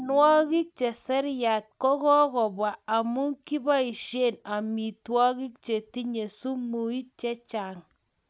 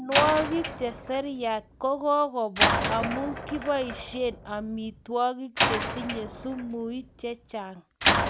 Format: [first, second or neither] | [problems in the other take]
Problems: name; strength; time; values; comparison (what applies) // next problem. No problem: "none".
first | background sound (Slam); 1 dB below the speech